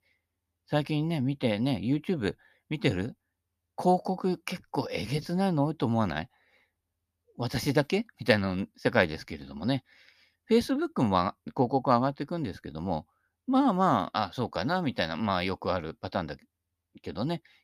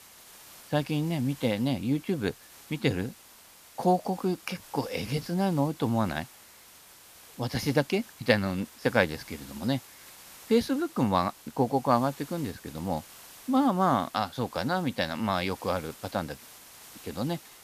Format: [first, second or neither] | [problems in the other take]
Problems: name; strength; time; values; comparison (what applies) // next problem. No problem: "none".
first | hiss; noticeable; throughout; 20 dB below the speech